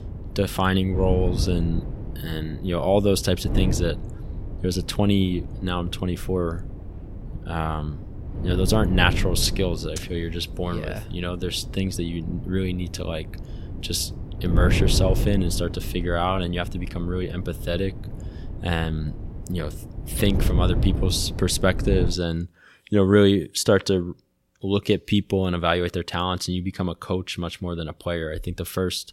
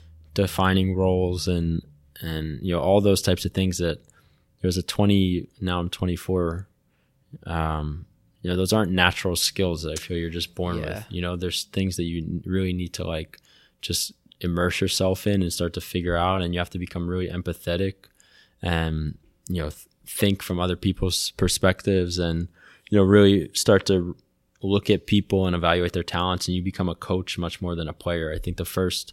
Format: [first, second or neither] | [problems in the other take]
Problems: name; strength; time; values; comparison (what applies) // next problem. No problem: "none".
second | wind noise on the microphone; occasional gusts; until 22 s; 15 dB below the speech